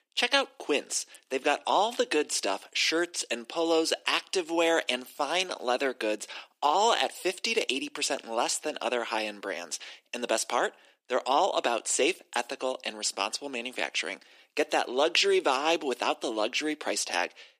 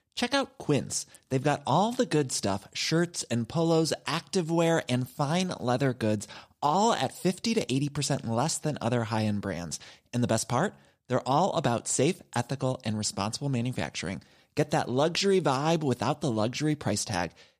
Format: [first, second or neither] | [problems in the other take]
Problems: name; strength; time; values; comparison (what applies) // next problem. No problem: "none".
second | thin; somewhat; fading below 300 Hz